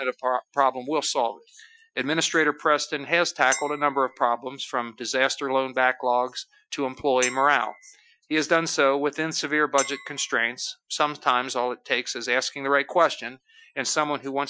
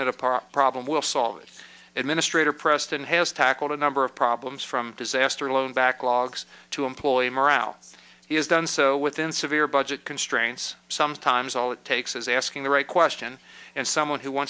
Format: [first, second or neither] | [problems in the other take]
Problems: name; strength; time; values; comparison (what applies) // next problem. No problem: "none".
second | noise reduction (classical method Wiener filter)